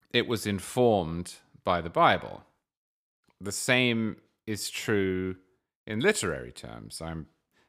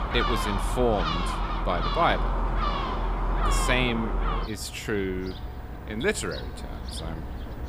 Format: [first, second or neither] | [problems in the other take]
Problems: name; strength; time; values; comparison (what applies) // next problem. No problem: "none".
first | animal sounds; loud; throughout; 2 dB below the speech